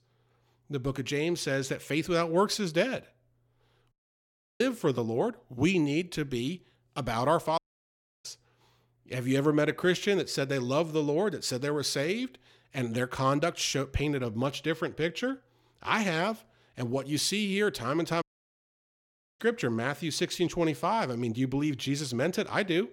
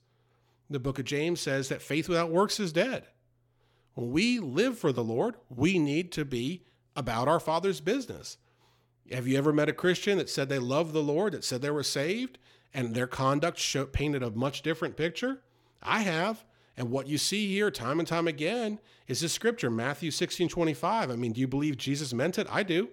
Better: second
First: audio cutting out; at 4 s for 0.5 s, at 7.5 s for 0.5 s and at 18 s for 1 s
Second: none

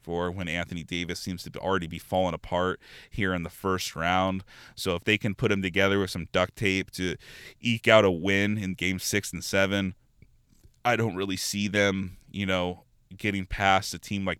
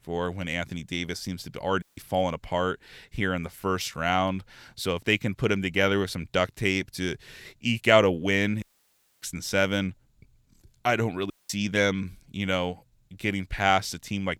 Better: first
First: none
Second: audio cutting out; at 2 s, at 8.5 s for 0.5 s and at 11 s

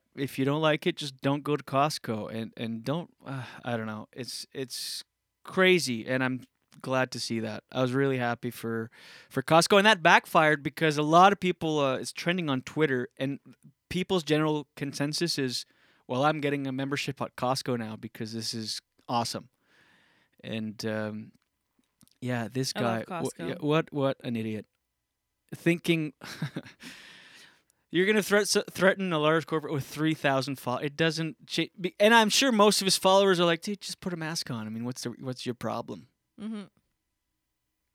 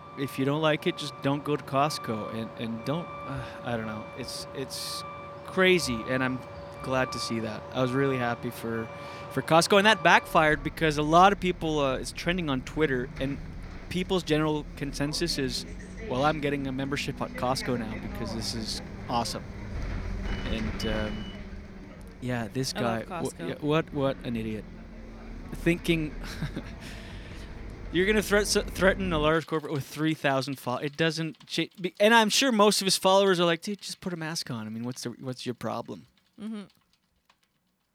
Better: first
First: none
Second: traffic noise; noticeable; throughout; 15 dB below the speech

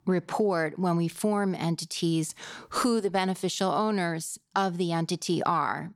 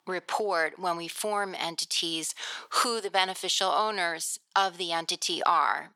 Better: first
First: none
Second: thin; very; fading below 650 Hz

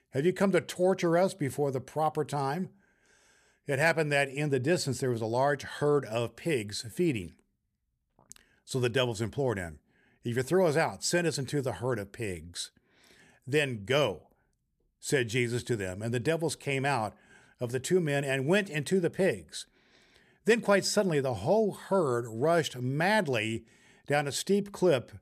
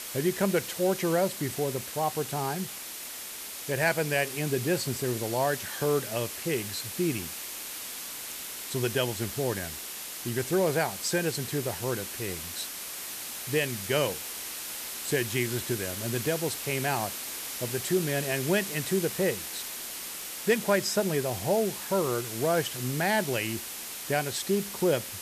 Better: first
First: none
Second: hiss; loud; throughout; 6 dB below the speech

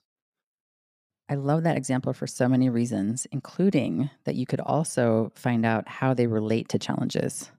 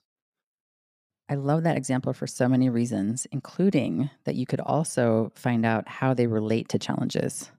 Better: neither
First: none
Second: none

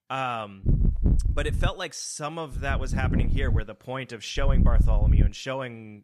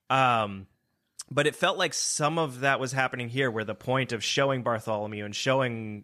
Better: second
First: wind noise on the microphone; heavy; from 0.5 to 1.5 s, from 2.5 to 3.5 s and at 4.5 s; 7 dB below the speech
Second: none

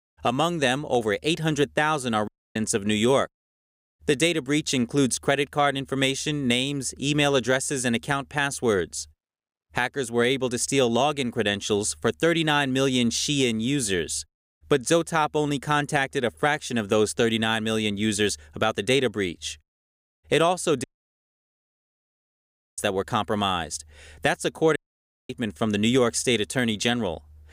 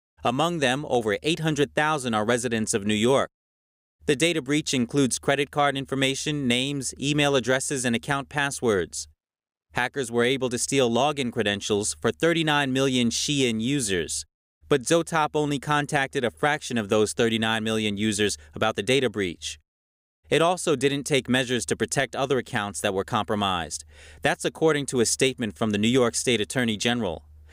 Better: second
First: audio cutting out; at 2.5 s, at 21 s for 2 s and at 25 s for 0.5 s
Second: none

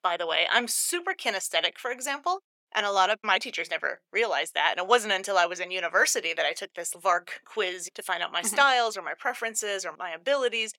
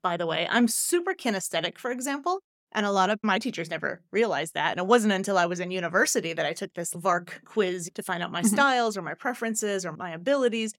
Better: second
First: thin; very; fading below 600 Hz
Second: none

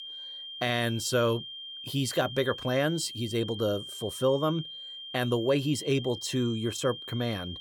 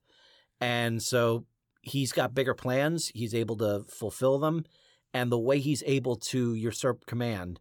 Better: second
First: high-pitched whine; loud; throughout; 3 kHz, 10 dB below the speech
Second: none

